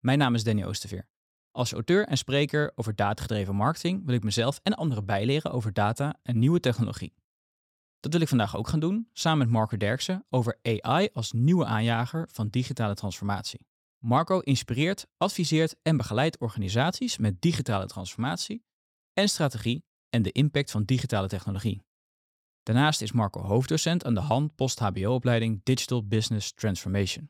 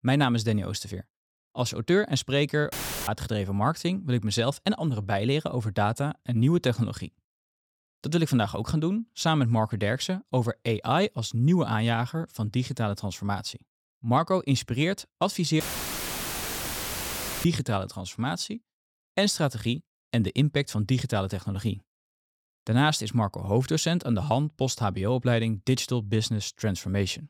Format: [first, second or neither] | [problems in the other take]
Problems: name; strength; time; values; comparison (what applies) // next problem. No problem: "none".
first | audio cutting out; filled with static; at 2.5 s and at 16 s for 2 s